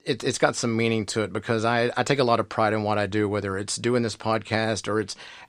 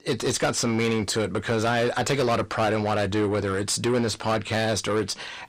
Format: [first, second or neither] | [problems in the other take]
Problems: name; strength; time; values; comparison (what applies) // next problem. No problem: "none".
first | distortion; heavy; 7 dB below the speech